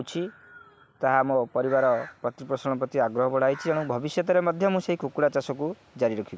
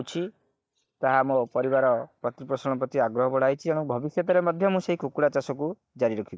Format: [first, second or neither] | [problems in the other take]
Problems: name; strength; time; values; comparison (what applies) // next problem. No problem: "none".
first | noise reduction (neural mask model DeepFilterNet 3)